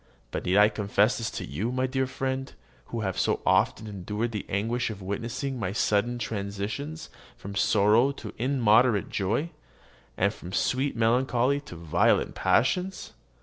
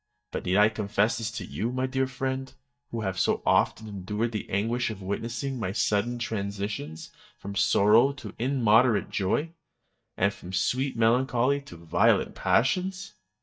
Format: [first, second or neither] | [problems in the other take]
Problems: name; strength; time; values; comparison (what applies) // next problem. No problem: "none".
first | noise reduction (neural mask model DeepFilterNet 3)